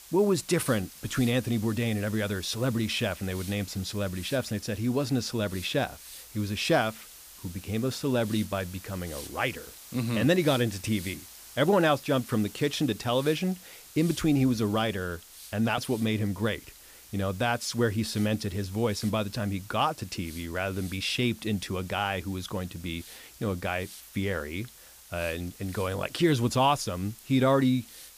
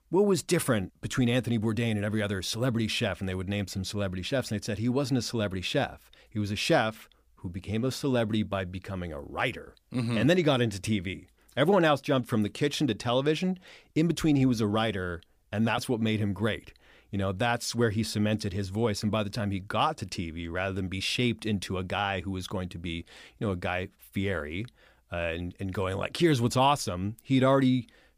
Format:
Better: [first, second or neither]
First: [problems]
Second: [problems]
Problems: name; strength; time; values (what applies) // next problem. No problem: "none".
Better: second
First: hiss; noticeable; throughout; 15 dB below the speech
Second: none